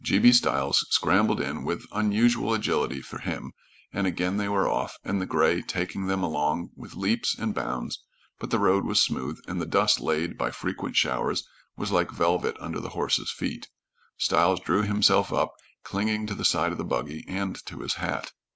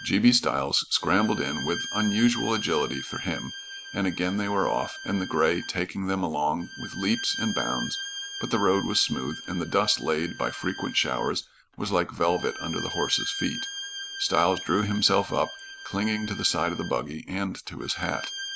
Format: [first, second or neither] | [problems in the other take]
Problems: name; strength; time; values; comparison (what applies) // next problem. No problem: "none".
first | background sound (Bowed string instrument); 11 dB below the speech